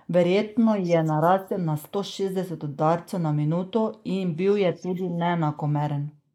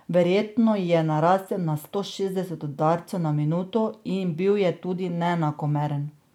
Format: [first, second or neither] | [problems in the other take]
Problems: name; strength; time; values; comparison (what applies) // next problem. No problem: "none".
second | noise reduction (neural mask model Resemble Enhance denoiser)